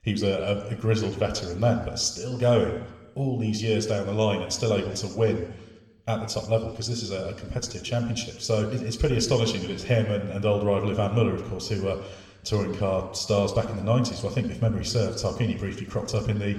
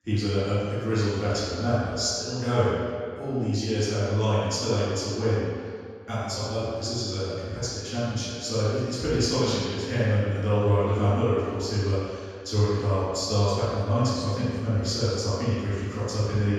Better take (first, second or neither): first